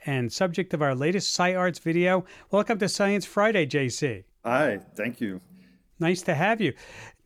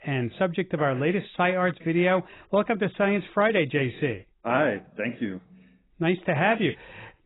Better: first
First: none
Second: garbled, watery; badly; nothing above 4 kHz

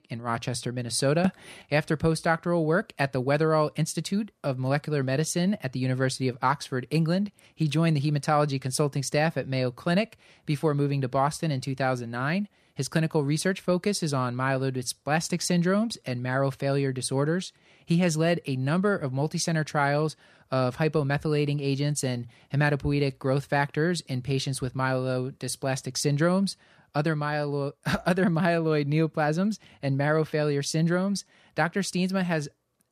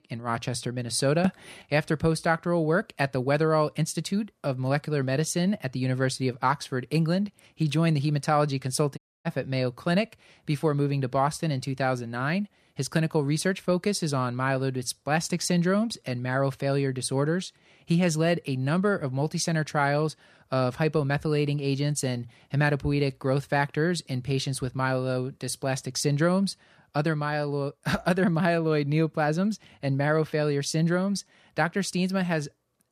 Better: first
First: none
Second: audio cutting out; at 9 s

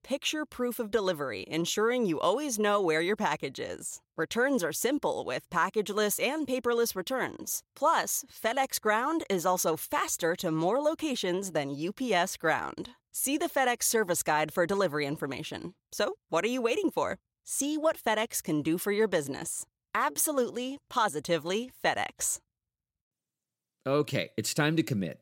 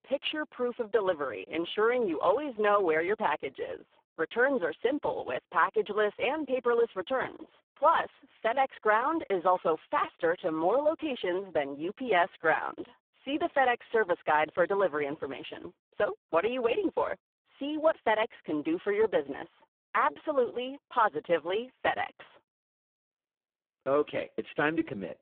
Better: first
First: none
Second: phone-call audio; poor line

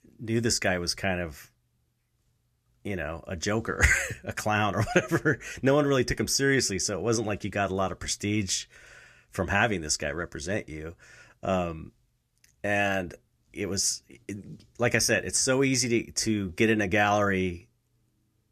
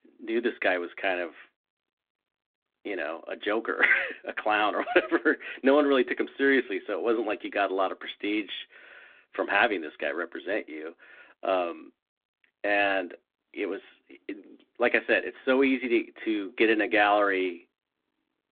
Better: first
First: none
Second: phone-call audio; nothing above 3.5 kHz

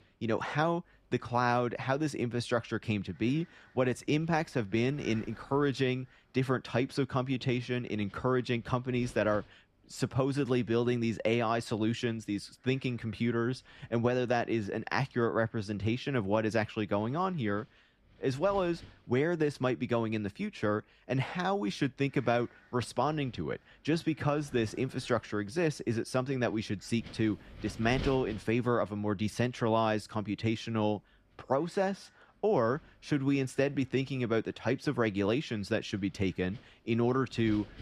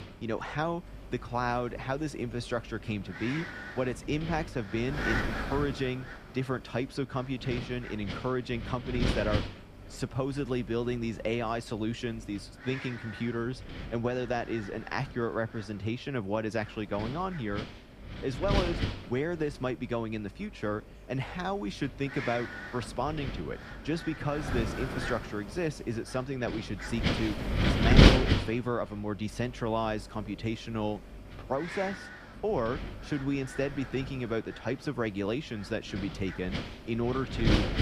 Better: first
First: wind noise on the microphone; occasional gusts; 25 dB below the speech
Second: wind noise on the microphone; heavy; 1 dB below the speech

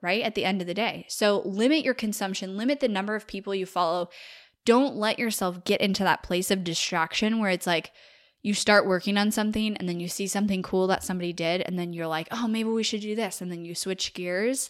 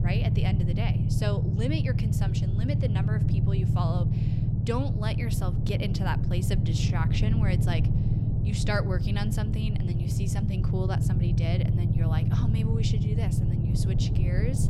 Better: first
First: none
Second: low rumble; loud; throughout; 1 dB below the speech

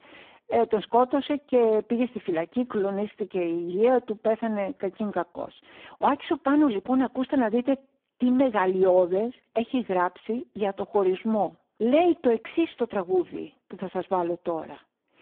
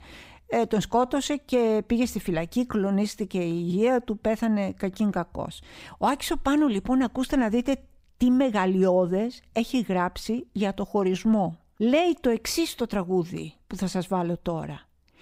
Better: second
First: phone-call audio; poor line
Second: none

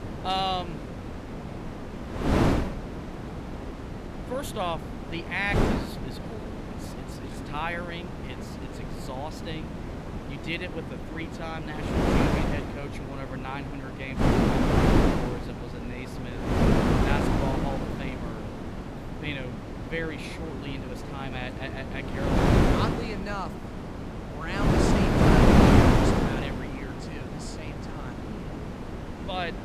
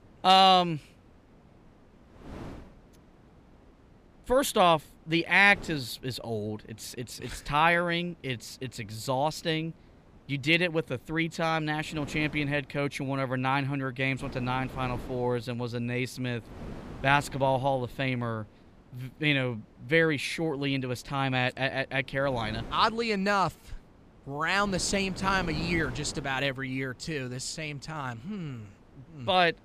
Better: second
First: wind noise on the microphone; heavy; 4 dB above the speech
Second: wind noise on the microphone; occasional gusts; 25 dB below the speech

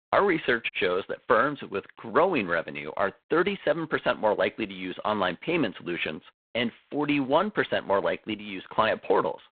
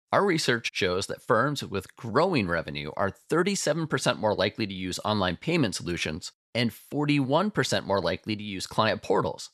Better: second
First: phone-call audio; poor line; nothing above 3.5 kHz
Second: none

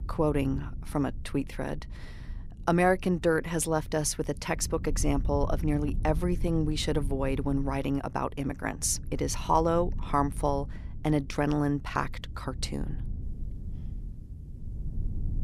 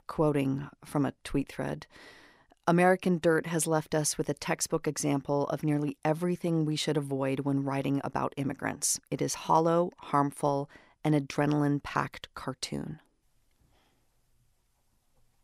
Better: second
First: low rumble; faint; throughout; 25 dB below the speech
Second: none

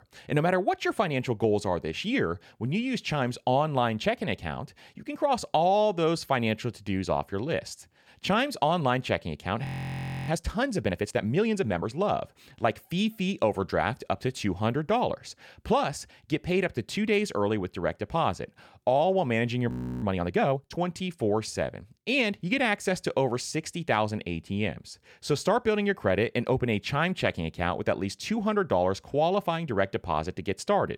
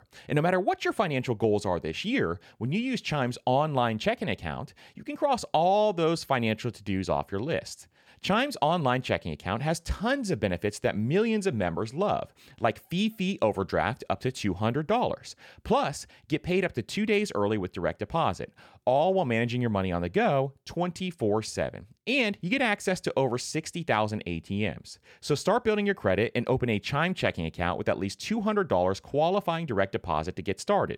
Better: second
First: audio freezing; at 9.5 s for 0.5 s and at 20 s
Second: none

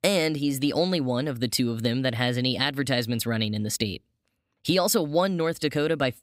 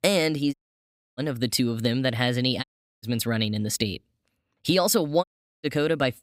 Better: first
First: none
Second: audio cutting out; at 0.5 s for 0.5 s, at 2.5 s and at 5 s

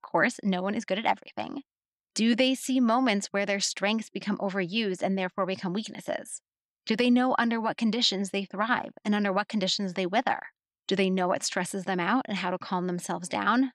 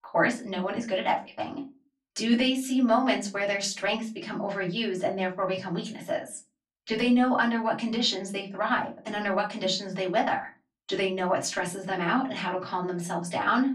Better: first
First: none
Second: off-mic speech; far // room echo; very slight; dies away in 0.2 s

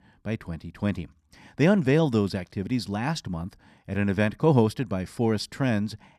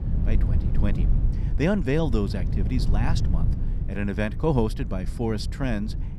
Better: first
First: none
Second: low rumble; noticeable; throughout; 10 dB below the speech

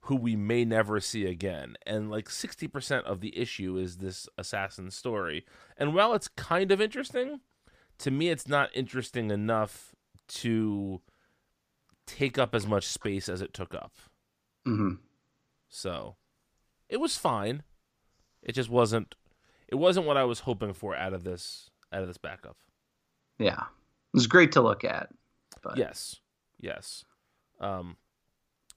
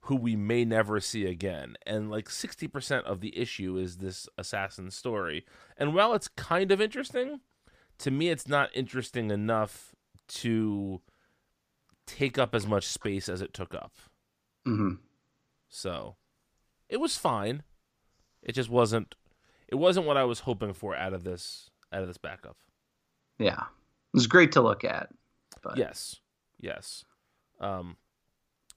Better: neither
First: none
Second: none

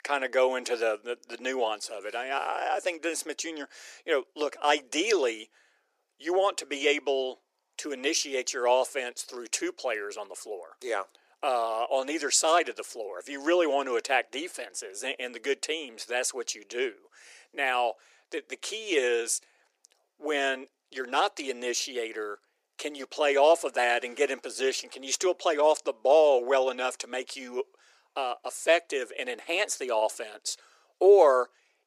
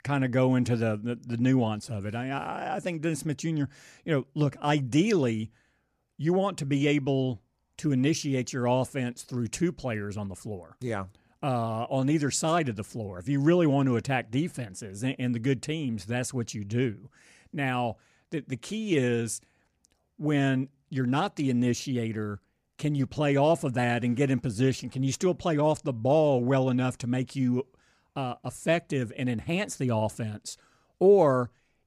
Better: second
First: thin; very; fading below 400 Hz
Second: none

